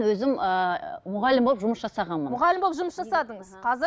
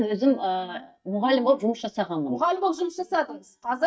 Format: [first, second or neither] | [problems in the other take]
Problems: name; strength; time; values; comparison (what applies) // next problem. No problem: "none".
first | noise reduction (neural mask model DeepFilterNet 3)